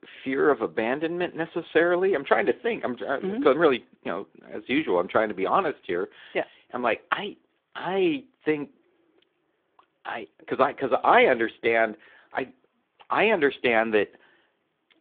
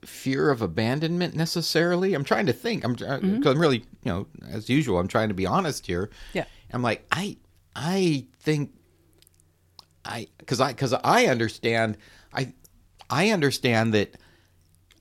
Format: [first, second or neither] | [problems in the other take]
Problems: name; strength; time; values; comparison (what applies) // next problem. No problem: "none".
second | phone-call audio